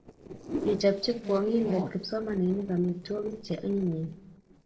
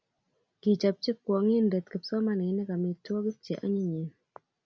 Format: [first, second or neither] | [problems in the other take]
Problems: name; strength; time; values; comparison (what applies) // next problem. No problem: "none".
second | noise reduction (neural separator model SepFormer DNS4)